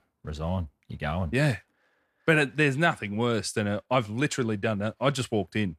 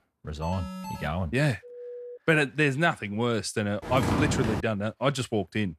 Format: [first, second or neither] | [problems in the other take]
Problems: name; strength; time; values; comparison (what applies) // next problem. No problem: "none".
first | alarm; noticeable; at 0.5 s; peak 10 dB below the speech // phone ringing; faint; at 1.5 s; peak 15 dB below the speech // footsteps; loud; at 4 s; peak 1 dB above the speech